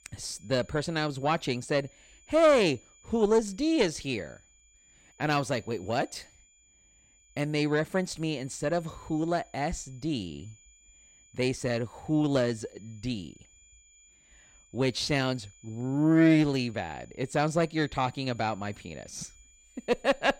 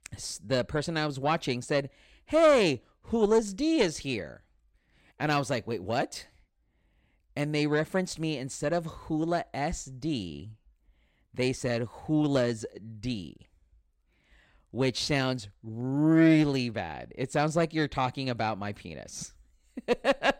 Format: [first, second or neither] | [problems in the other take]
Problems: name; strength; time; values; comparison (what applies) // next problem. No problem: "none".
second | high-pitched whine; faint; throughout; 7 kHz, 30 dB below the speech